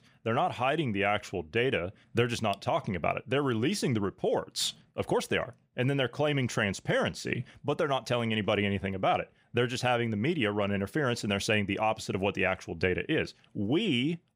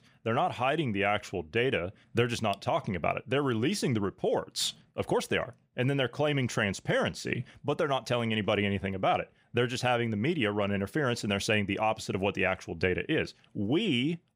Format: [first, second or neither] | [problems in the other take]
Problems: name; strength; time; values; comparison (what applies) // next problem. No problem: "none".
neither | none